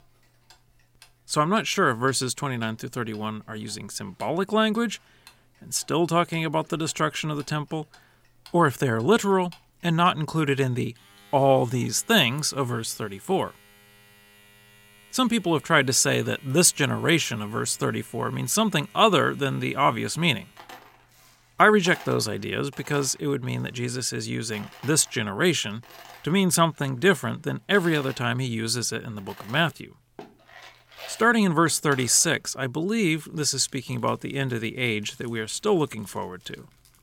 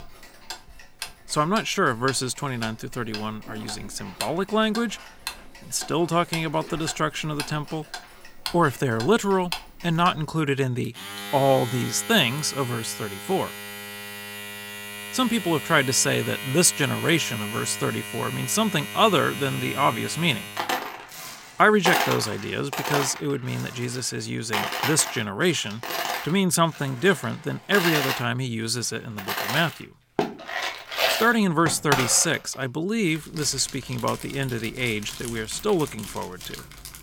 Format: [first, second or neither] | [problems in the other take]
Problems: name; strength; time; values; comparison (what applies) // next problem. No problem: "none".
first | household noises; loud; throughout; 7 dB below the speech; faint in the first